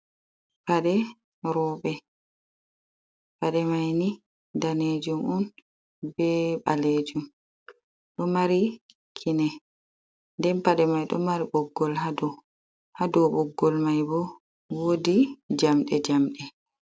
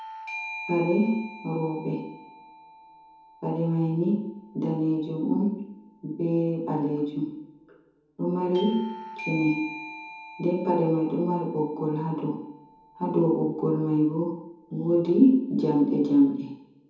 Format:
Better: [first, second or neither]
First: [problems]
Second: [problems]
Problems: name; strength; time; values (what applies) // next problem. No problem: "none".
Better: first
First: none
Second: background sound (Bell / Doorbell); 17 dB below the speech // room echo; dies away in 0.9 s